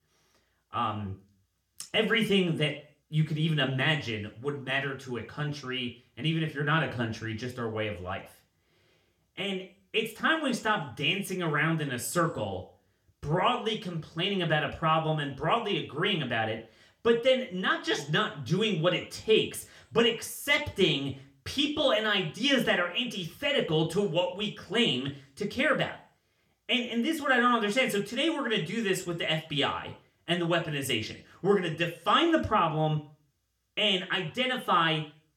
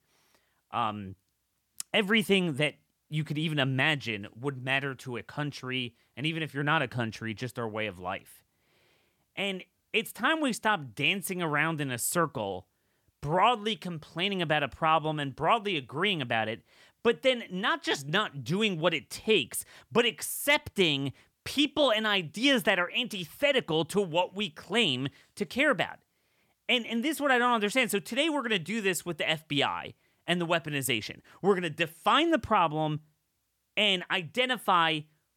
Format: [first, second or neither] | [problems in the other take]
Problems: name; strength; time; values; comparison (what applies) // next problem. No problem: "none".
second | room echo; very slight; dies away in 0.4 s // off-mic speech; somewhat distant